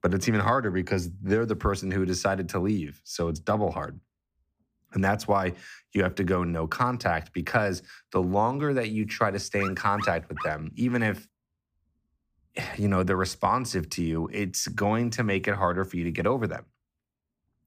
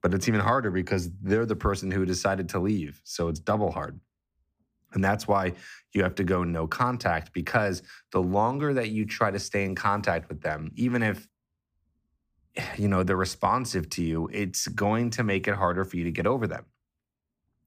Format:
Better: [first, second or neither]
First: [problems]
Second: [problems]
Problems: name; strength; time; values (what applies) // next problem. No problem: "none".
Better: second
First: dog barking; noticeable; at 9.5 s; peak 9 dB below the speech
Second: none